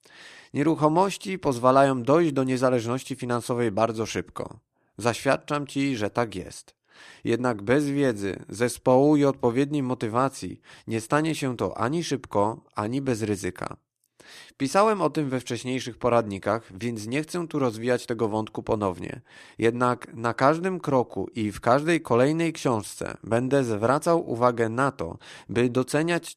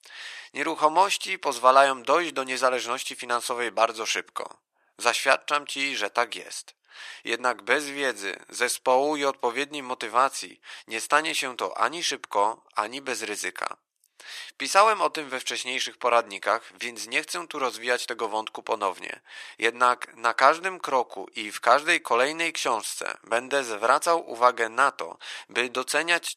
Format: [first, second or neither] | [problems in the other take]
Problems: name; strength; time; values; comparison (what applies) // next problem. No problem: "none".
first | thin; very; fading below 800 Hz